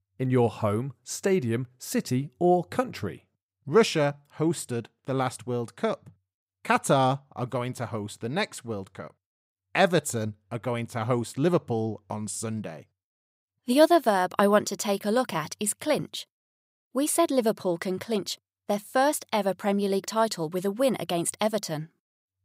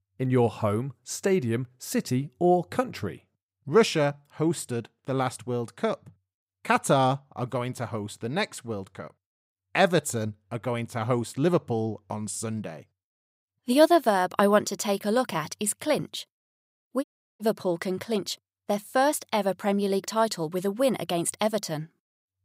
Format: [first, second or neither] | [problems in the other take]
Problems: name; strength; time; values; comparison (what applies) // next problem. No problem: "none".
first | audio cutting out; at 17 s